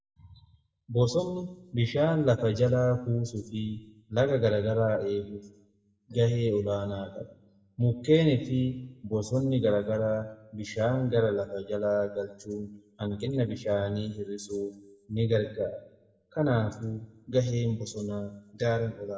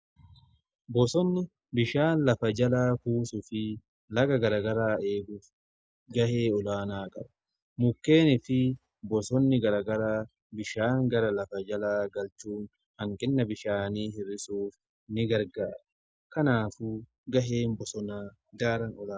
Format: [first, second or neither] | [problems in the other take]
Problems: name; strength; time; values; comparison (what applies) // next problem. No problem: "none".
second | room echo; dies away in 0.6 s